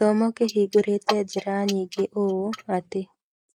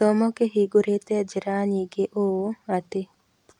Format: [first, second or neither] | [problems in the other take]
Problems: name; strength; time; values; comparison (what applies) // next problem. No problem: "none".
second | noise reduction (neural mask model Resemble Enhance denoiser)